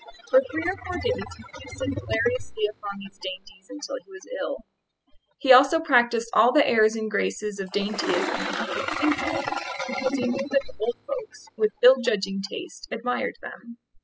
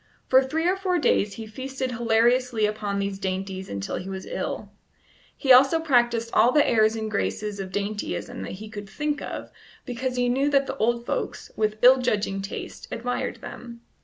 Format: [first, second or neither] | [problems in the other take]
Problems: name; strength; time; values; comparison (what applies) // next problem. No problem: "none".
second | noise reduction (classical method spectral subtraction)